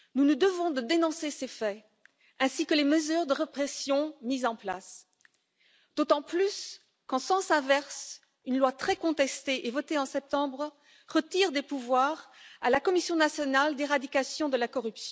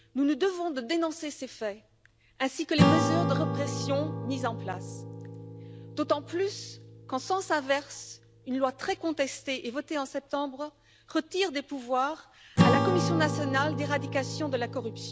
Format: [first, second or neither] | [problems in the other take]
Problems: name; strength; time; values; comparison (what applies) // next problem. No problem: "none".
first | background sound (Acoustic guitar / Strum); 1 dB below the speech